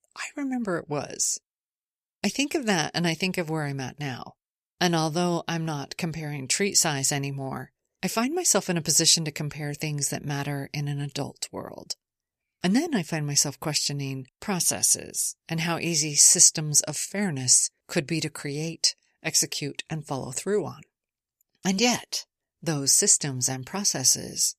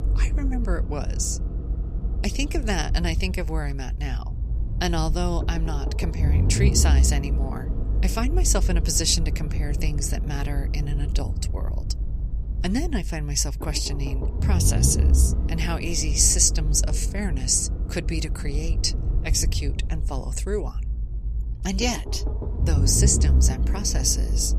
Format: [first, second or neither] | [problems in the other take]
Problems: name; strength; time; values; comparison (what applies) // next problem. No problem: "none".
first | low rumble; noticeable; throughout; 15 dB below the speech